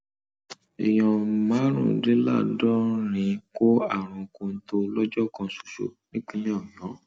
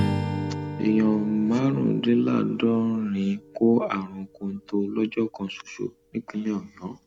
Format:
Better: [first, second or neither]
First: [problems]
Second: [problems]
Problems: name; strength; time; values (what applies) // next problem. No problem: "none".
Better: first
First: none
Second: background sound (Strum); 10 dB below the speech